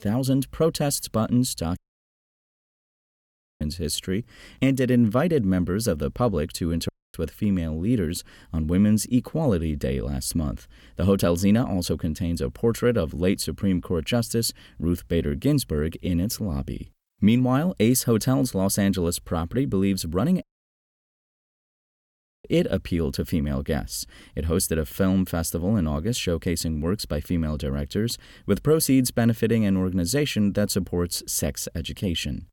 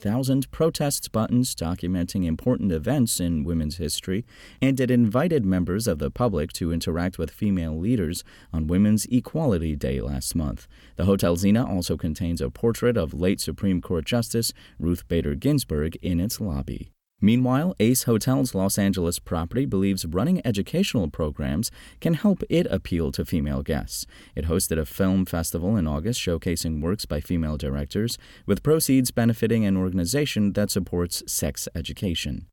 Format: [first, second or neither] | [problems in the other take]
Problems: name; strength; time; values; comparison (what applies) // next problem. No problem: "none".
second | audio cutting out; at 2 s for 2 s, at 7 s and at 20 s for 2 s